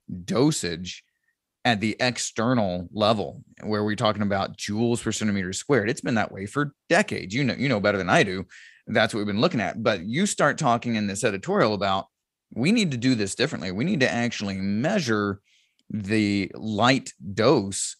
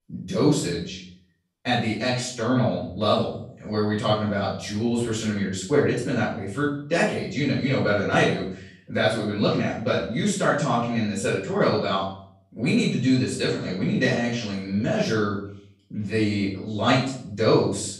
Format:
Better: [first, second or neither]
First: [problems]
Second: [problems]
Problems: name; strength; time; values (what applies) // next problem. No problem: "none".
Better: first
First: none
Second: off-mic speech; far // room echo; noticeable; dies away in 0.5 s